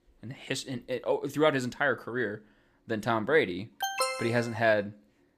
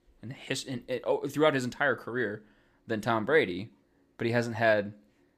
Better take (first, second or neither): second